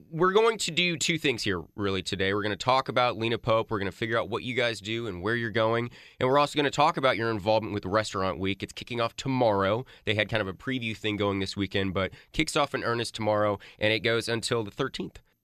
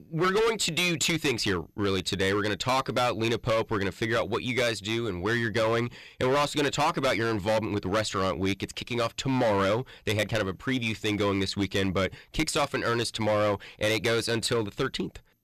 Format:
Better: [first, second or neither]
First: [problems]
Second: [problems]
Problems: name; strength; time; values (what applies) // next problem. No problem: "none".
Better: first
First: none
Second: distortion; heavy; 12% of the sound clipped